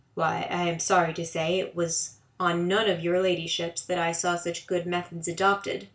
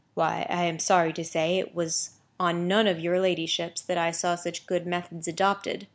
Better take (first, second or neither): second